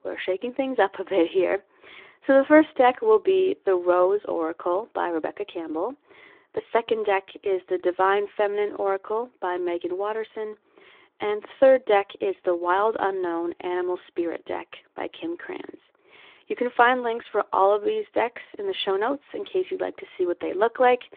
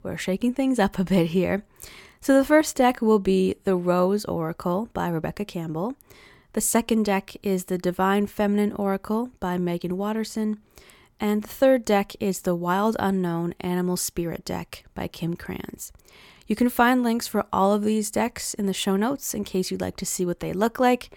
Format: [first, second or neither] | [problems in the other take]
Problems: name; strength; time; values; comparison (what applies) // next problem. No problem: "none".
second | phone-call audio; nothing above 3.5 kHz